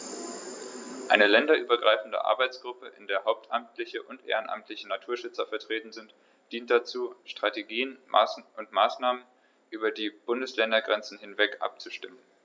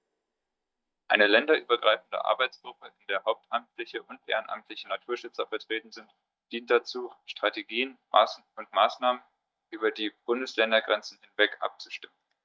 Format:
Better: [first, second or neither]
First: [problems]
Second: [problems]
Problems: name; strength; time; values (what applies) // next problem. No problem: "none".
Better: first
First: none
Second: noise reduction (neural mask model DeepFilterNet 3)